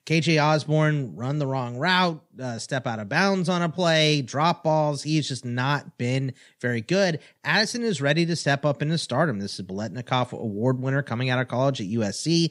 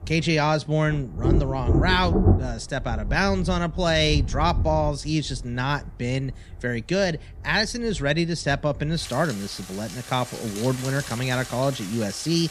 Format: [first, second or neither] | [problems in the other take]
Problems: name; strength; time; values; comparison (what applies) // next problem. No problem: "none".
first | rain or running water; loud; throughout; 4 dB below the speech